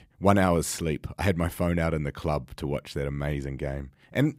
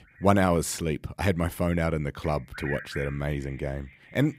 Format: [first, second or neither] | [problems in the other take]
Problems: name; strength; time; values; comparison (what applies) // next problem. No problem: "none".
first | animal sounds; noticeable; throughout; 15 dB below the speech